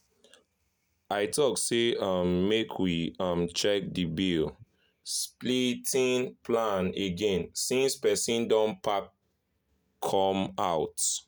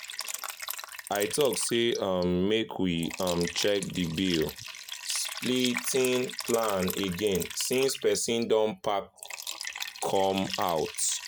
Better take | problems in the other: first | background sound (Liquid); 10 dB below the speech

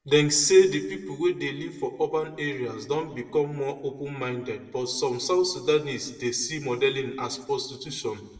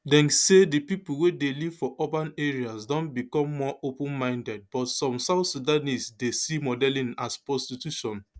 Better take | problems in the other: second | room echo; dies away in 0.9 s

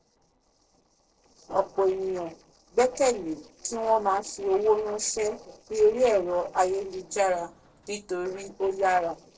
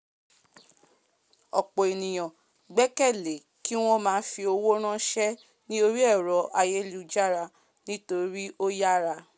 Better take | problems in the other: second | noise reduction (neural separator model SepFormer DNS4)

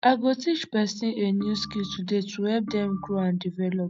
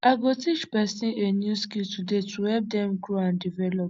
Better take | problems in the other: second | noise reduction (neural mask model RNNoise)

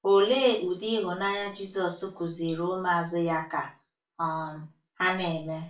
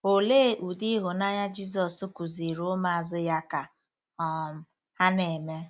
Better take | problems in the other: second | room echo; dies away in 0.3 s

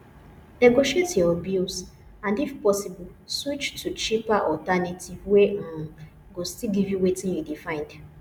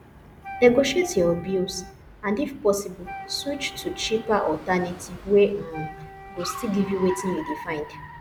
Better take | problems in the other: first | background sound (Wind instrument, woodwind instrument + Car); 15 dB below the speech

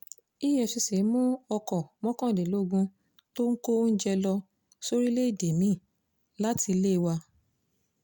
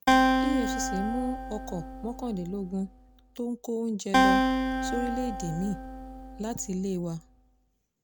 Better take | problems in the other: first | background sound (Acoustic guitar); 4 dB above the speech

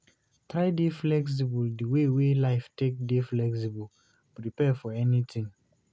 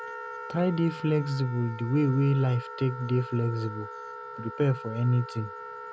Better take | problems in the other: first | background sound (Wind instrument, woodwind instrument); 12 dB below the speech

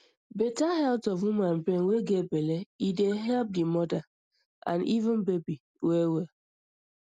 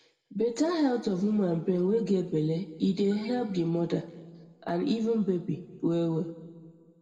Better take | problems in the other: first | room echo; dies away in 1.5 s

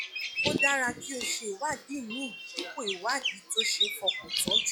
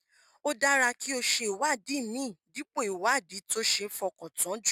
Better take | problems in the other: second | noise reduction (classical method log-MMSE)

